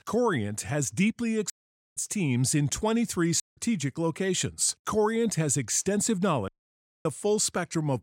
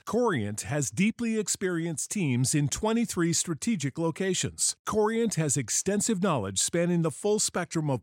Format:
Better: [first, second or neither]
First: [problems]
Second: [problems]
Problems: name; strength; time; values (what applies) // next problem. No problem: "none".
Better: second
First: audio cutting out; at 1.5 s, at 3.5 s and at 6.5 s for 0.5 s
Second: none